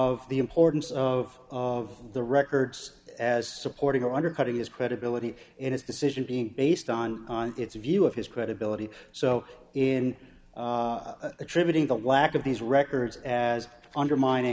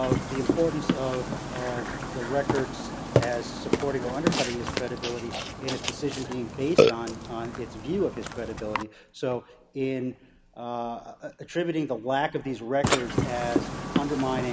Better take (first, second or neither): first